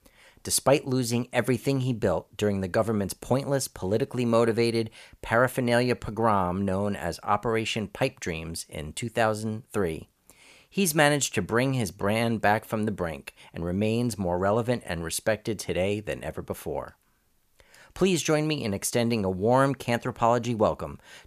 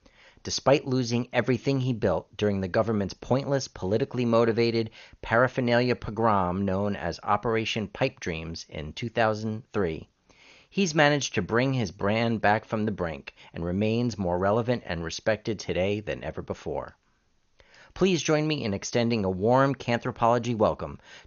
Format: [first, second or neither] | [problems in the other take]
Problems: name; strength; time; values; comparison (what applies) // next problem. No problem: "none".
first | garbled, watery; slightly; nothing above 6.5 kHz